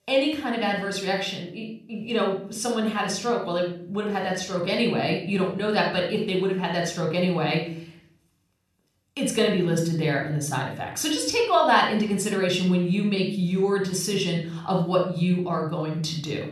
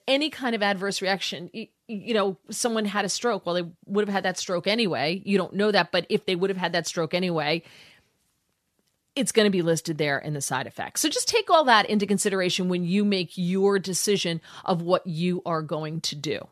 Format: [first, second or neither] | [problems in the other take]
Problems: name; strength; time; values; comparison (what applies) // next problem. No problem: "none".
second | off-mic speech; somewhat distant // room echo; noticeable; dies away in 0.6 s